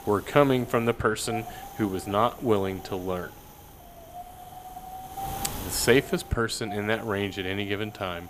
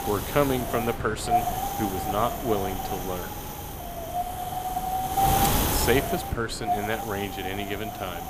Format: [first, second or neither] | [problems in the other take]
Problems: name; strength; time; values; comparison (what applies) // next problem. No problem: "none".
first | wind noise on the microphone; heavy; 1 dB above the speech; occasional gusts in the first